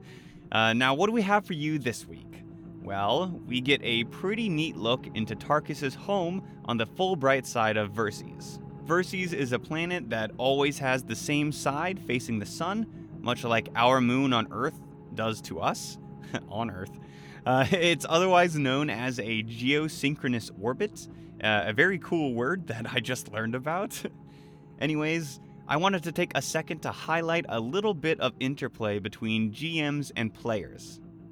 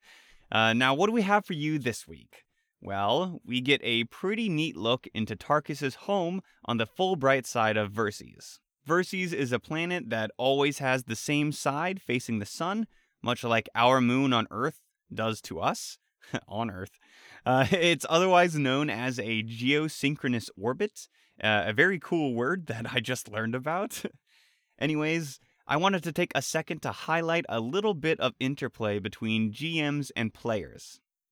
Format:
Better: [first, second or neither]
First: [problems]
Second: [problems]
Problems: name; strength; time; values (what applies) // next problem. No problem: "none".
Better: second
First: low rumble; faint; throughout; 25 dB below the speech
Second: none